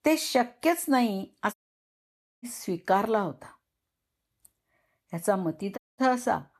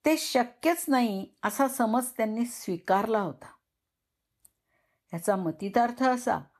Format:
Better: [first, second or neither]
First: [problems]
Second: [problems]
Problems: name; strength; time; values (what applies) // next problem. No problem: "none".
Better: second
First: audio cutting out; at 1.5 s for 1 s and at 6 s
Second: none